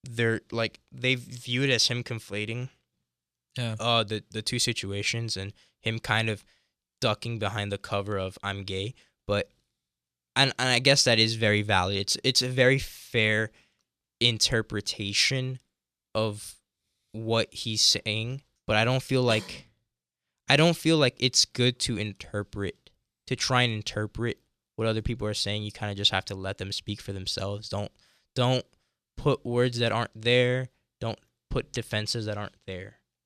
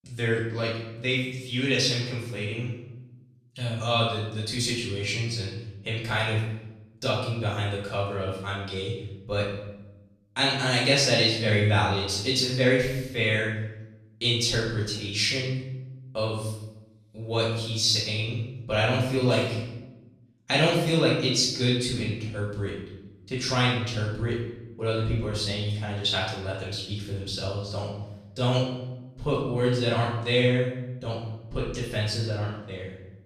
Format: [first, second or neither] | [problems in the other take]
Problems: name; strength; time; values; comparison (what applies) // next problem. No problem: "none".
first | off-mic speech; far // room echo; noticeable; dies away in 0.8 s